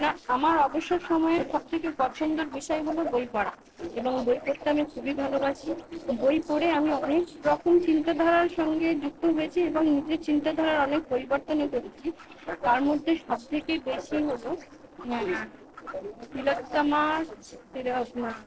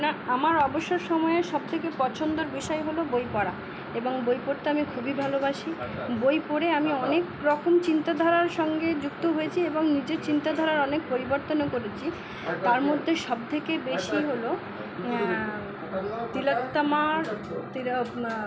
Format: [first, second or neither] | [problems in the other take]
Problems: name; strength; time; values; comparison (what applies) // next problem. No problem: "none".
second | noise reduction (neural separator model SepFormer DNS4)